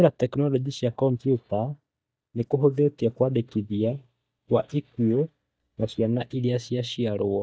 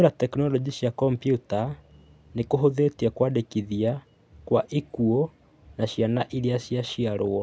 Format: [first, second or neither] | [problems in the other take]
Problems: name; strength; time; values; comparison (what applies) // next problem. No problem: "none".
second | noise reduction (neural mask model DeepFilterNet 3)